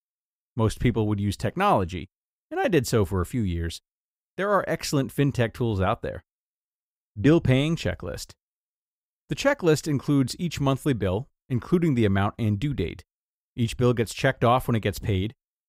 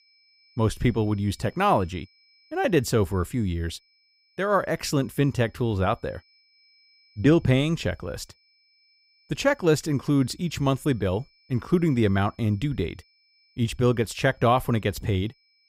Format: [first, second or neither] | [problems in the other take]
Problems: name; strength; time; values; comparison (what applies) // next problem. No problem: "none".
first | high-pitched whine; faint; throughout; 5 kHz, 35 dB below the speech